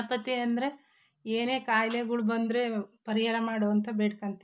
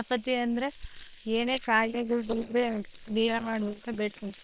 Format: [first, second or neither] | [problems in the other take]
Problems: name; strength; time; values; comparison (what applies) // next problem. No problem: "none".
first | noise reduction (neural separator model SepFormer WHAM!)